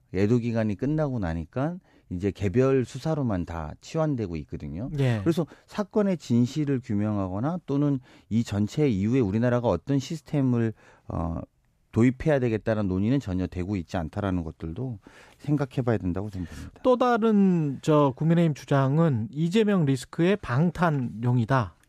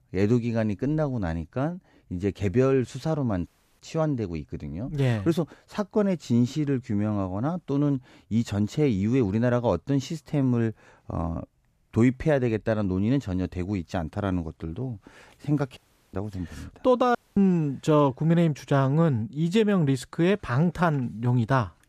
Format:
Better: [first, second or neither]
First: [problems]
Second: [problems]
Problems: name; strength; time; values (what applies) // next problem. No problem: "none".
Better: first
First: none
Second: audio cutting out; at 3.5 s, at 16 s and at 17 s